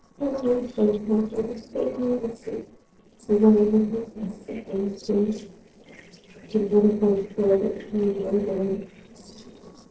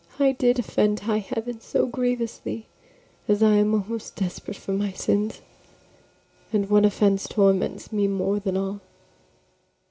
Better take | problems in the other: second | noise reduction (neural separator model SepFormer DNS4)

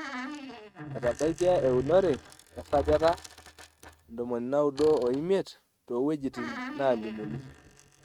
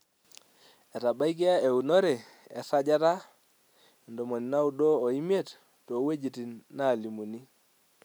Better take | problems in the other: second | noise reduction (neural mask model RNNoise)

